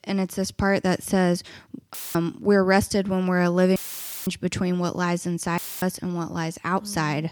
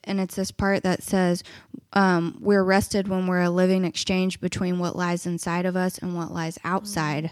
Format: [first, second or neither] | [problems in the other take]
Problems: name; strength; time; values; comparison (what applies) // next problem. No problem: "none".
second | audio cutting out; filled with static; at 2 s, at 4 s for 0.5 s and at 5.5 s